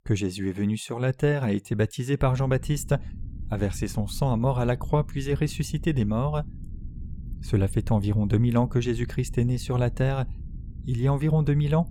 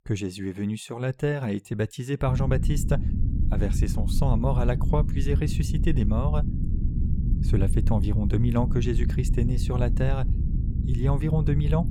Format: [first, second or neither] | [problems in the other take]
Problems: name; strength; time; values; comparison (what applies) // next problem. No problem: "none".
first | low rumble; loud; from 2.5 s on; 8 dB below the speech; faint in the first